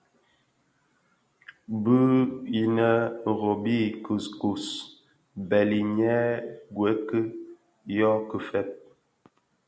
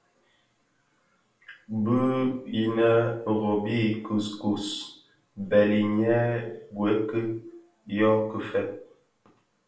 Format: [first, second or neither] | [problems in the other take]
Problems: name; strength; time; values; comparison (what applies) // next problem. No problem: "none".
first | room echo; dies away in 0.3 s